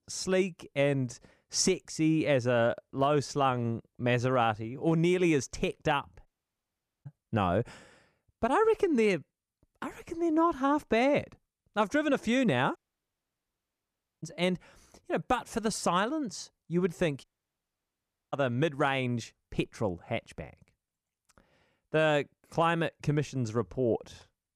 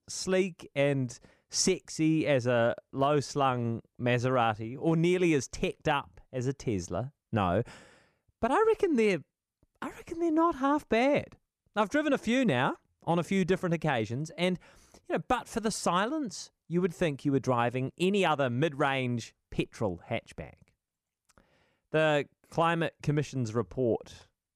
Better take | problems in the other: second | audio cutting out; at 6.5 s for 1 s, at 13 s for 1.5 s and at 17 s for 1 s

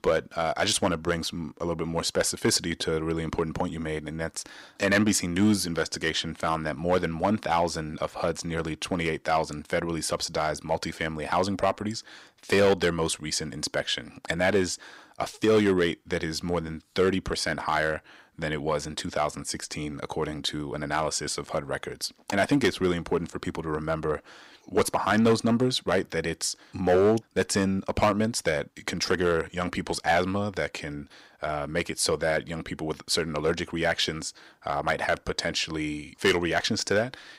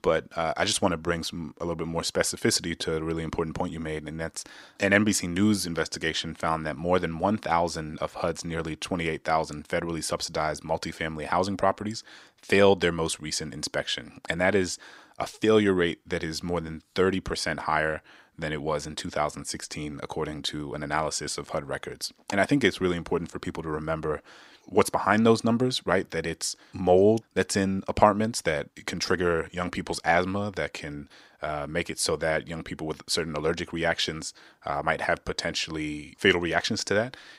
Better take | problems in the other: second | distortion; slight; 1.7% of the sound clipped

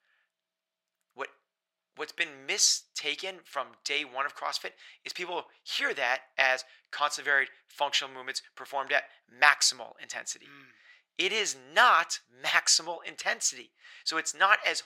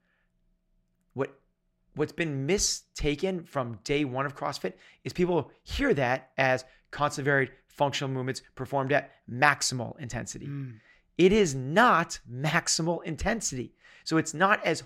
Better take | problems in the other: second | thin; very; fading below 900 Hz

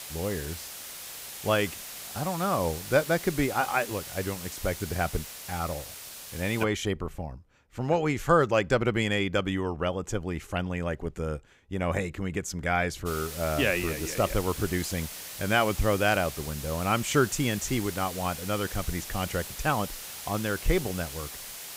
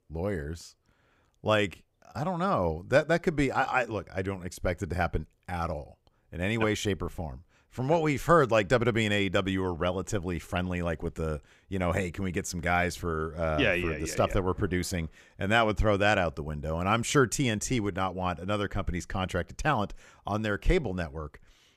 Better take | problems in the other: second | hiss; loud; until 6.5 s and from 13 s on; 9 dB below the speech

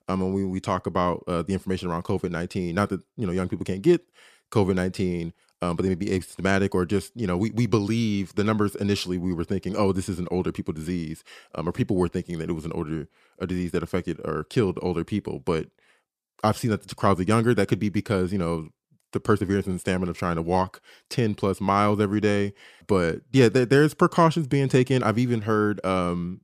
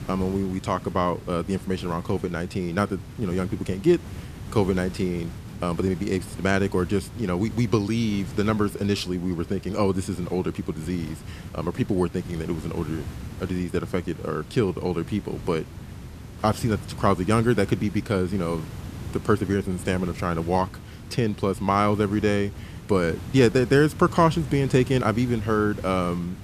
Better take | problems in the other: first | hiss; noticeable; throughout; 15 dB below the speech

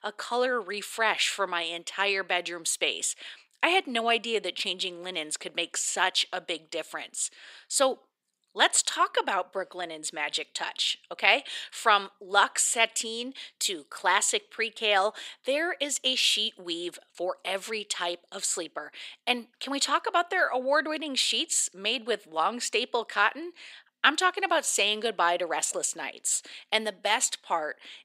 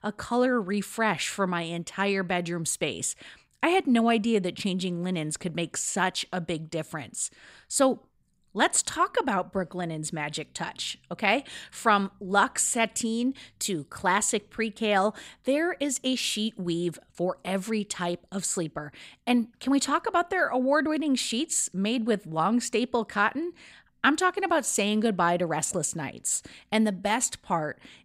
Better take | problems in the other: second | thin; somewhat; fading below 400 Hz

